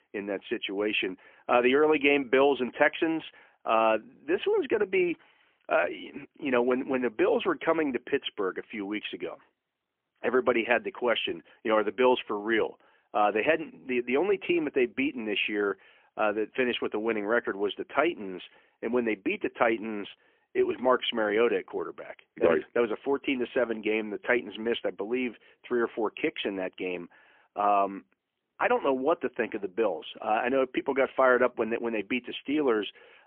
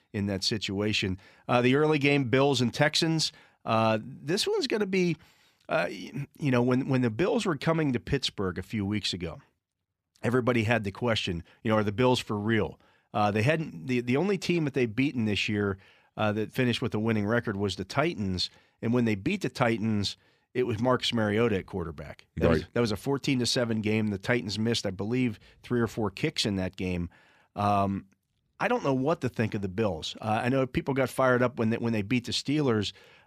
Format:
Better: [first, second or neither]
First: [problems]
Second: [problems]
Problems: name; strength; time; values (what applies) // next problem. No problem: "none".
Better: second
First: phone-call audio; poor line; nothing above 3.5 kHz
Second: none